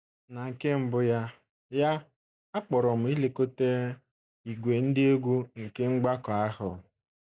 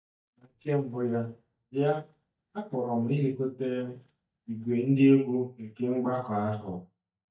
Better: first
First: none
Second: noise reduction (neural mask model DeepFilterNet 3)

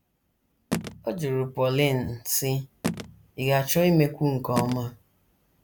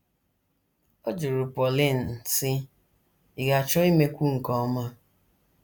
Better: second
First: background sound (Telephone); 9 dB below the speech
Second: none

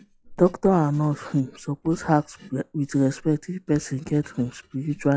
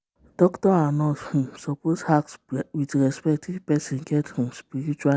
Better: second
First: noise reduction (classical method log-MMSE)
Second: none

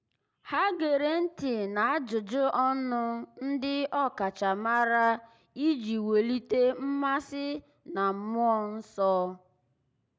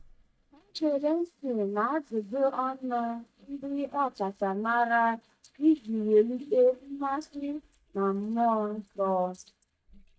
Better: first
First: none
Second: noise reduction (neural mask model DeepFilterNet 3)

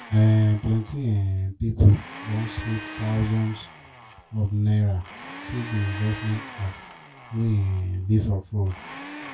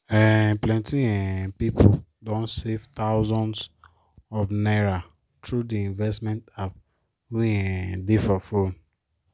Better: second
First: background sound (Domestic sounds, home sounds); 17 dB below the speech // room echo; dies away in 0.1 s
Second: none

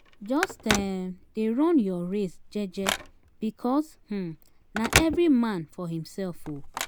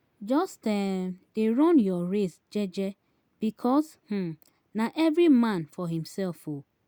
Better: second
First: background sound (Telephone); 6 dB below the speech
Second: none

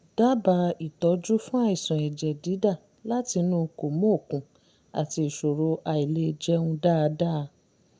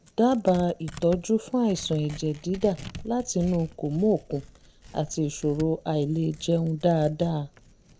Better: first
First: none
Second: background sound (Tearing); 18 dB below the speech

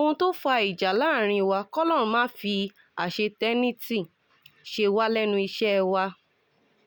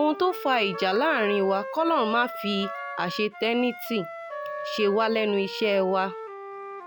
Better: first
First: none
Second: background sound (Wind instrument, woodwind instrument + Wind instrument, woodwind instrument); 10 dB below the speech

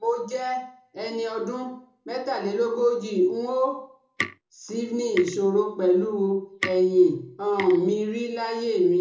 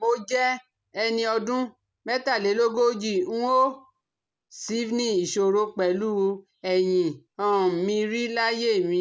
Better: second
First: background sound (Tick); 13 dB below the speech // room echo; dies away in 0.6 s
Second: none

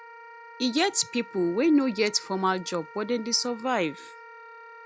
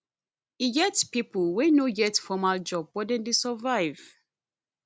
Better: second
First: background sound (Wind instrument, woodwind instrument); 18 dB below the speech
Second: none

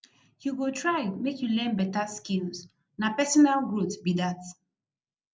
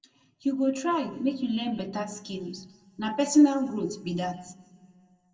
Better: first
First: none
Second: room echo; dies away in 1 s

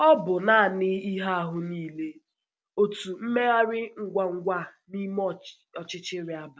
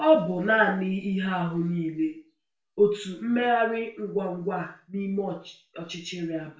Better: first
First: none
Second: room echo; dies away in 0.4 s

